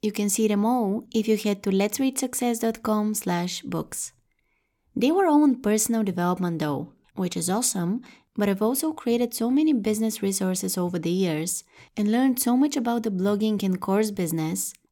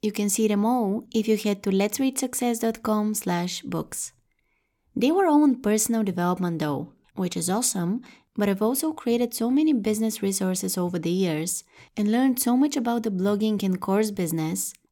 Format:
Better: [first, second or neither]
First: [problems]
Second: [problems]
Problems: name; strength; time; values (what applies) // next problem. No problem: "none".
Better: neither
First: none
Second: none